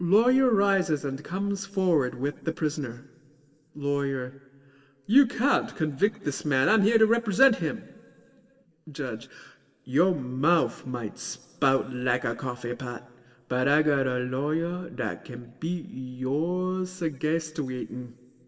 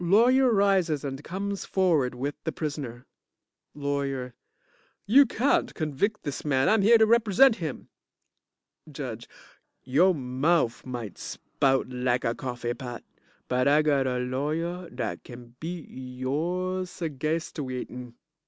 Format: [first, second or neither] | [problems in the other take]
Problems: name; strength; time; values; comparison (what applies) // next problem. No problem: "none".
second | room echo; dies away in 1.6 s